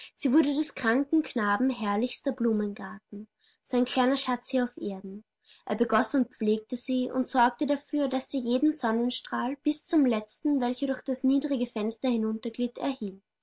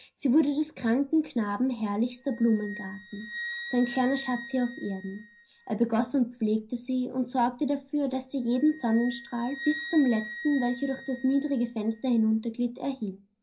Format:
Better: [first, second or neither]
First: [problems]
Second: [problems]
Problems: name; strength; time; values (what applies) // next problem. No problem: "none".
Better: first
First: none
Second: background sound (Wind instrument, woodwind instrument); 16 dB below the speech // room echo; dies away in 0.5 s